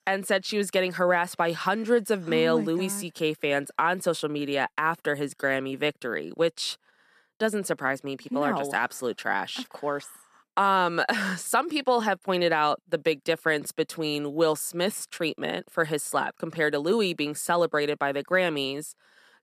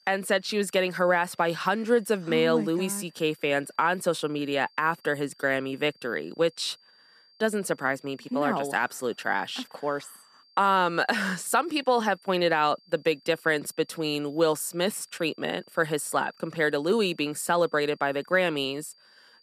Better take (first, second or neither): first